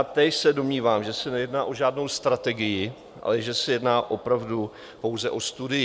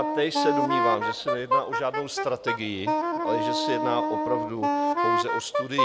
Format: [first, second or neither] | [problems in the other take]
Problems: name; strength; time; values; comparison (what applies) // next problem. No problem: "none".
first | background sound (Wind instrument, woodwind instrument); 4 dB above the speech